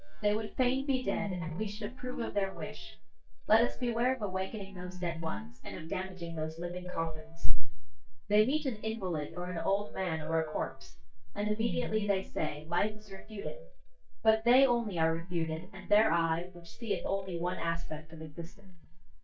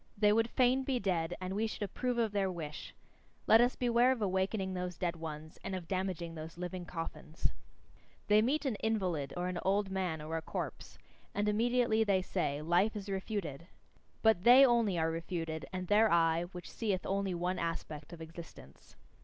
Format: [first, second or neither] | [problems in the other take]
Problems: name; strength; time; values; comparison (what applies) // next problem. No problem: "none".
second | noise reduction (neural mask model DeepFilterNet 3)